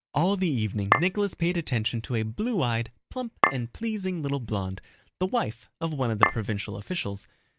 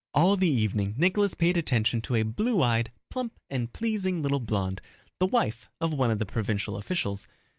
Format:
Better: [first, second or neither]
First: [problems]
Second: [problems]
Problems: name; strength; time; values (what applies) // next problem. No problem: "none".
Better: second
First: background sound (Chink, clink); 2 dB above the speech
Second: none